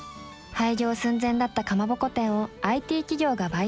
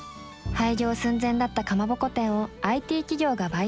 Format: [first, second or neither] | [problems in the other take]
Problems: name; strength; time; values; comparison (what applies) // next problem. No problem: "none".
first | background sound (Bowed string instrument); 13 dB below the speech